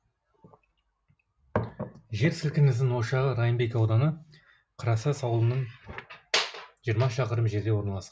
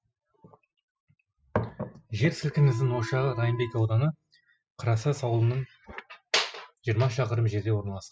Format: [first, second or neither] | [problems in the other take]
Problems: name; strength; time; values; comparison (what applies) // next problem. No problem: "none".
first | noise reduction (classical method spectral subtraction)